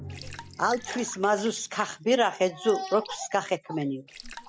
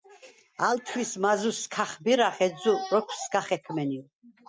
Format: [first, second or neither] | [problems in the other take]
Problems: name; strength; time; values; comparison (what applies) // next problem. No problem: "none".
second | background sound (Drum + Raindrop / Drip); 18 dB below the speech